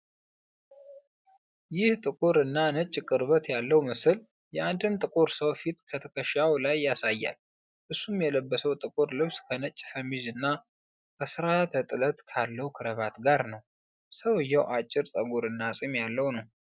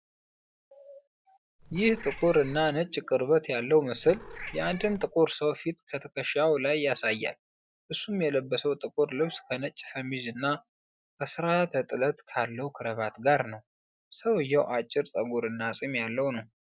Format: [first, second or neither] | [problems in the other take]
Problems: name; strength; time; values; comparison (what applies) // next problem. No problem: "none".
first | background sound (Meow / Purr); 13 dB below the speech